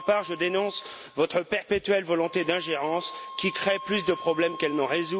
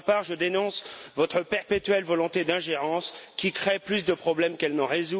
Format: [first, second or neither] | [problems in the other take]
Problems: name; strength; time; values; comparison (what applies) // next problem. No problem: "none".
second | background sound (Wind instrument, woodwind instrument); 14 dB below the speech